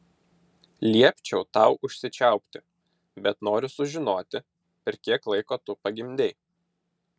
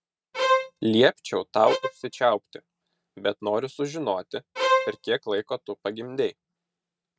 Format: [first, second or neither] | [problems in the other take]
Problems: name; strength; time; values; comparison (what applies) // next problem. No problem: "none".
first | noise reduction (neural mask model RNNoise)